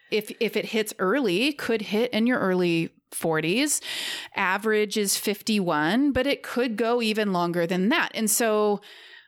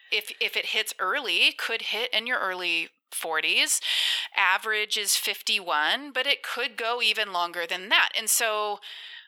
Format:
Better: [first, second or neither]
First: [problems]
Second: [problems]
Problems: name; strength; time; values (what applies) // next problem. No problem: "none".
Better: first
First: none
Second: thin; very; fading below 900 Hz